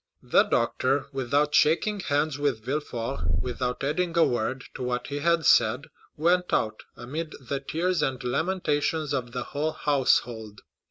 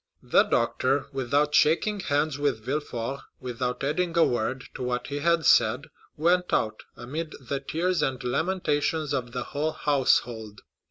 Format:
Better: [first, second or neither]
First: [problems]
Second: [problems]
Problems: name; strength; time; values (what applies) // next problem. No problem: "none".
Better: second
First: noise reduction (neural mask model RNNoise)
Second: none